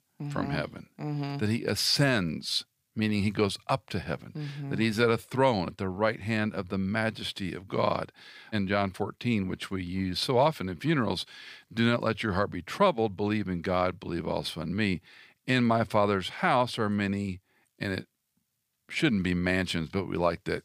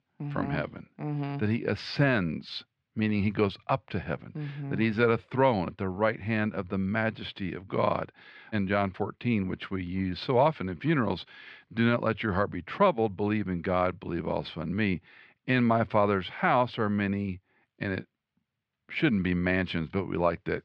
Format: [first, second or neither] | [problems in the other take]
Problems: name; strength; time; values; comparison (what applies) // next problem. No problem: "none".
first | muffled; slightly; fading above 3 kHz